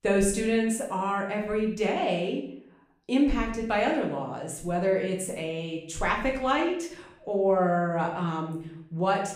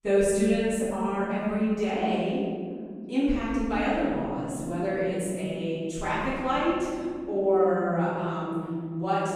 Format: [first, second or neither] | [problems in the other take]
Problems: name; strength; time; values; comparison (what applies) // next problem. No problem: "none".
first | room echo; strong; dies away in 2.9 s; slight in the first // off-mic speech; far; far in the first